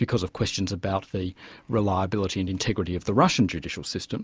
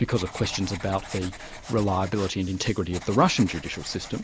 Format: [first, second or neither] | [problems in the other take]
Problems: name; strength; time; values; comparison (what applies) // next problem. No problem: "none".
first | background sound (Writing); 14 dB below the speech